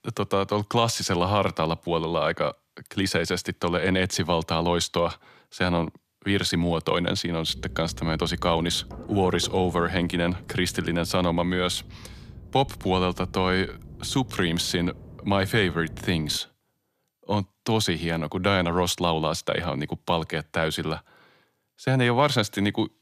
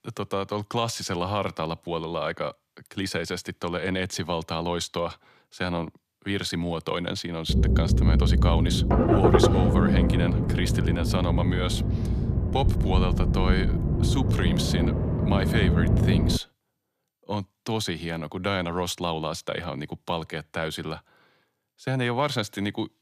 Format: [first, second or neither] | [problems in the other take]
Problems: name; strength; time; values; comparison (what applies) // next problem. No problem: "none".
first | low rumble; loud; from 7.5 to 16 s; 1 dB below the speech; faint in the first